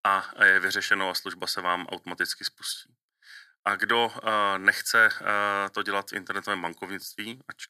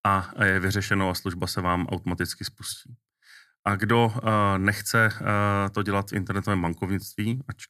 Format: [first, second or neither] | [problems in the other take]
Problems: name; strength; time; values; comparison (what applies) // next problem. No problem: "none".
second | thin; very; fading below 450 Hz